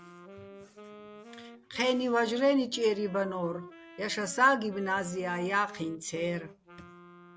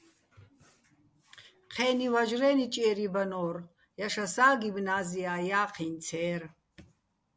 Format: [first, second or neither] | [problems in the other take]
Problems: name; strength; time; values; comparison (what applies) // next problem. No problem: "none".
second | background sound (Wind instrument, woodwind instrument); 19 dB below the speech